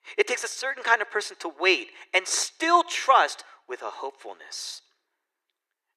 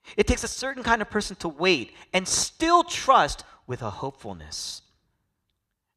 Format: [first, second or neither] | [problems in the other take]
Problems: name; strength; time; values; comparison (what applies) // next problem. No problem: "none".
second | thin; very; fading below 350 Hz